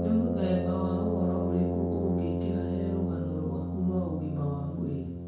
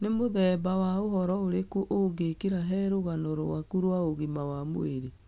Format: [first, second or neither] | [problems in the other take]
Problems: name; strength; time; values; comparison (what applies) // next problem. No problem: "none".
second | background sound (Brass instrument); 1 dB above the speech // room echo; dies away in 0.5 s